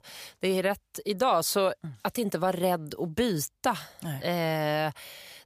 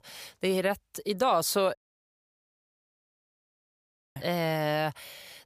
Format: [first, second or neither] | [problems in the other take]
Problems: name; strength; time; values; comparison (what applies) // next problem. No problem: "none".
first | audio cutting out; at 2 s for 2.5 s